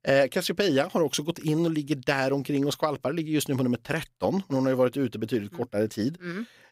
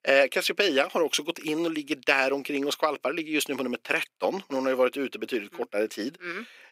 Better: first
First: none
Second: thin; somewhat; fading below 300 Hz

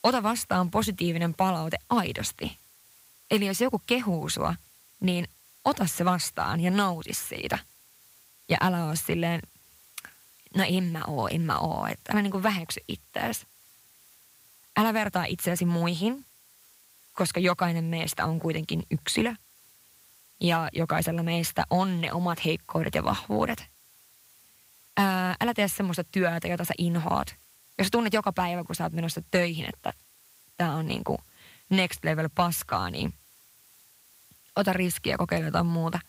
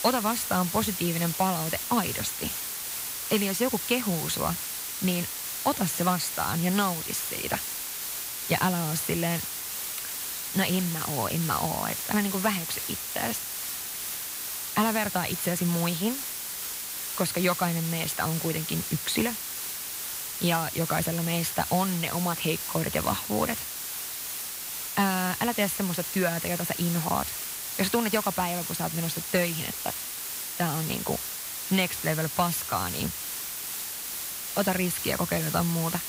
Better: first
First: hiss; faint; throughout; 25 dB below the speech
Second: hiss; loud; throughout; 3 dB below the speech

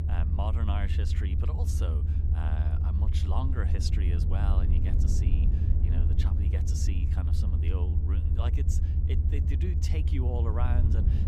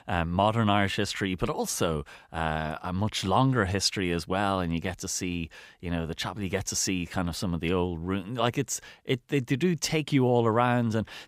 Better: second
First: low rumble; loud; throughout; 1 dB below the speech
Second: none

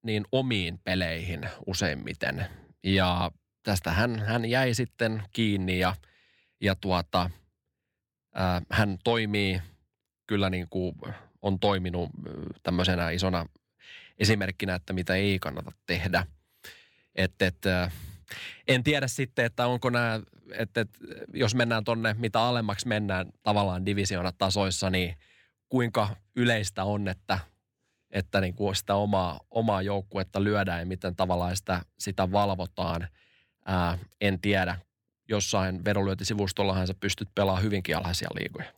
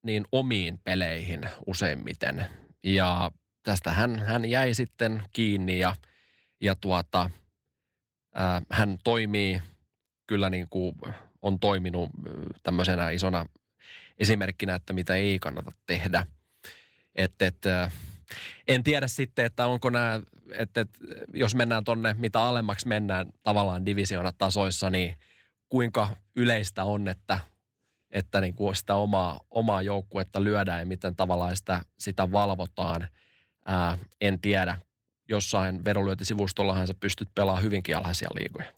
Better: first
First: none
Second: garbled, watery; slightly; nothing above 17 kHz

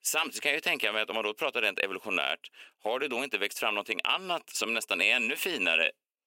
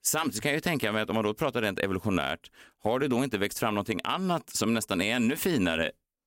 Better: second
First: thin; somewhat; fading below 500 Hz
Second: none

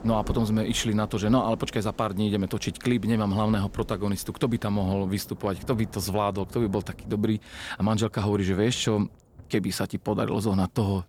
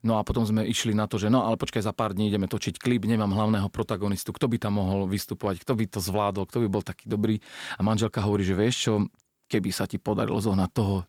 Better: second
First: rain or running water; noticeable; throughout; 20 dB below the speech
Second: none

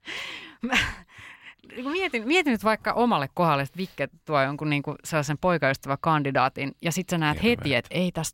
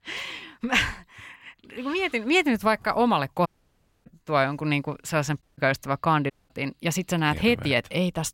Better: first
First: none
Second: audio cutting out; at 3.5 s for 0.5 s, at 5.5 s and at 6.5 s

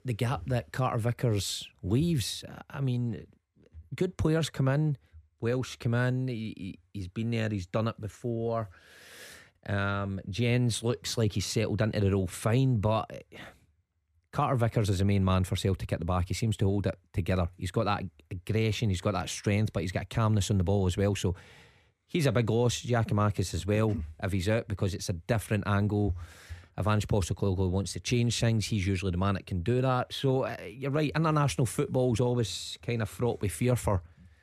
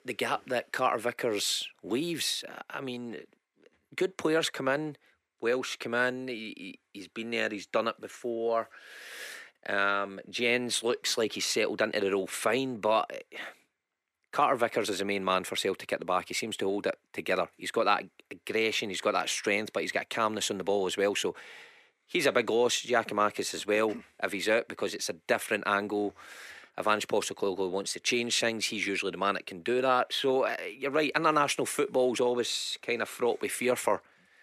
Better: first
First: none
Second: thin; very; fading below 300 Hz

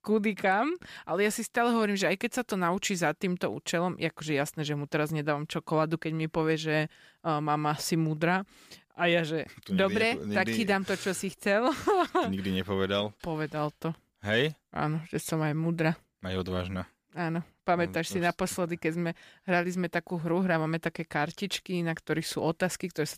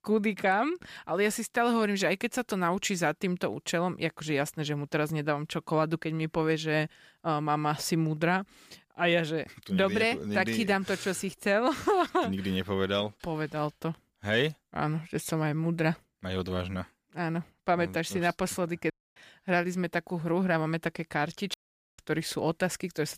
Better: first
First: none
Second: audio cutting out; at 19 s and at 22 s

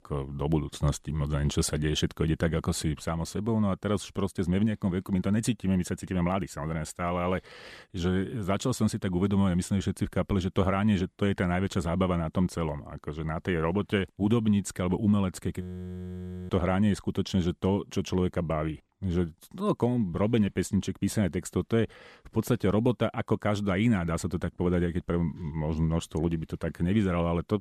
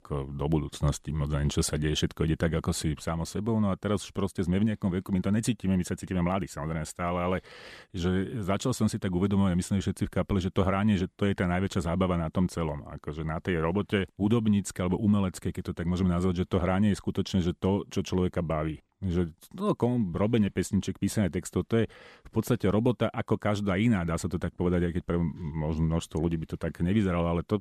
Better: second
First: audio freezing; at 16 s for 1 s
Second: none

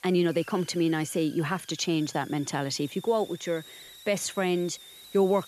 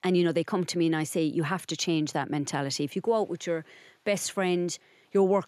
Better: second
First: hiss; noticeable; throughout; 20 dB below the speech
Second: none

